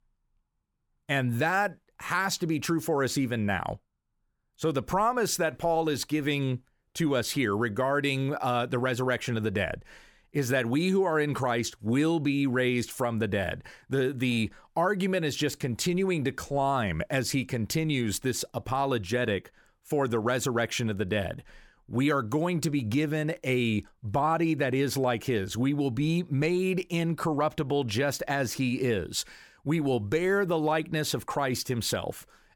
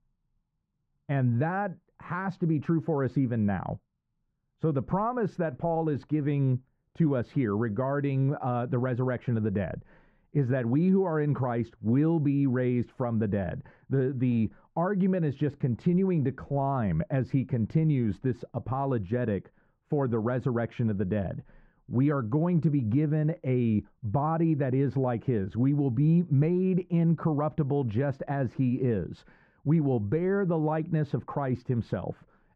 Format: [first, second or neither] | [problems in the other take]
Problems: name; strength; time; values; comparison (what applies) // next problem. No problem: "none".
first | muffled; very; fading above 1 kHz